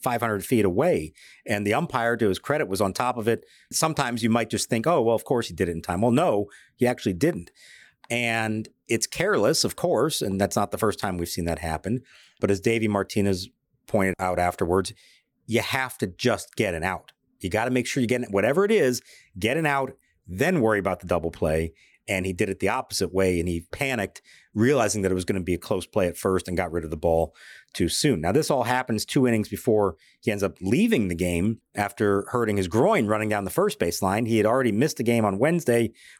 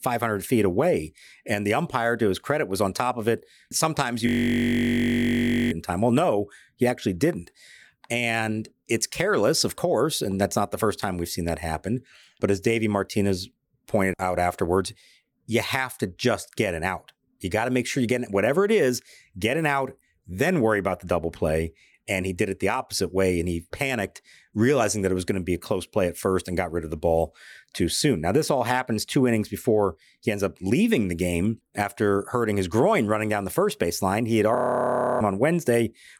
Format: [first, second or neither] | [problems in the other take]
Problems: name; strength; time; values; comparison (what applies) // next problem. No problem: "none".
first | audio freezing; at 4.5 s for 1.5 s and at 35 s for 0.5 s